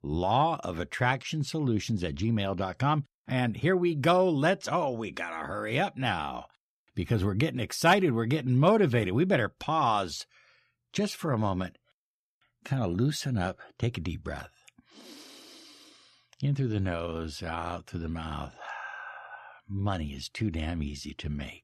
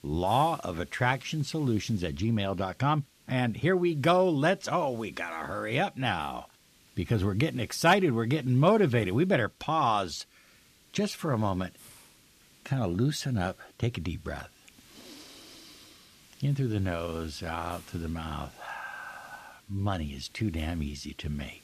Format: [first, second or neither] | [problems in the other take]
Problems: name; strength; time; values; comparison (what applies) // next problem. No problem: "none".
first | hiss; faint; throughout; 25 dB below the speech